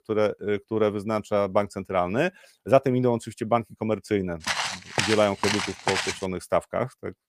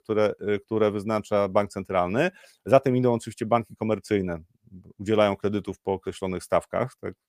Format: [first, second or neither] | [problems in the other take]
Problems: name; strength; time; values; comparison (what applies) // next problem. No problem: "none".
second | footsteps; noticeable; from 4.5 to 6 s; peak level with the speech